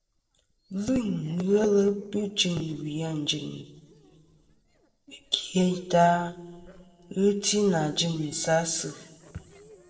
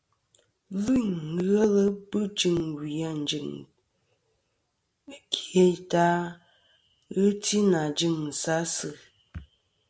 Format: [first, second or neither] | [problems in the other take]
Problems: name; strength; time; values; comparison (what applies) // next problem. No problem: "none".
second | noise reduction (neural separator model SepFormer DNS4)